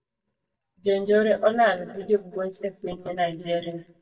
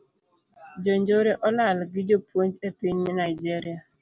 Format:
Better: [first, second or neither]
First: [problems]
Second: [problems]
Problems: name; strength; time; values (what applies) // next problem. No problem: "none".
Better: second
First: noise reduction (neural mask model DeepFilterNet 3)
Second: none